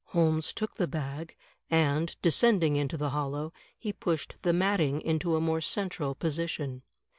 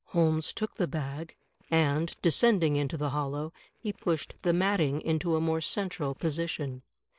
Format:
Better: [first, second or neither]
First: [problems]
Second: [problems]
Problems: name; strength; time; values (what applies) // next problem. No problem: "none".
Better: first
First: none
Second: noise reduction (neural separator model SepFormer DNS4)